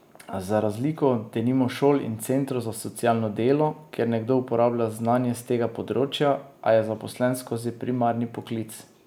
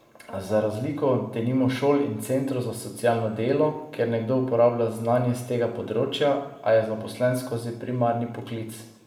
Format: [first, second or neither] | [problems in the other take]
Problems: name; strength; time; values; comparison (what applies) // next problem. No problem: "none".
first | room echo; dies away in 0.7 s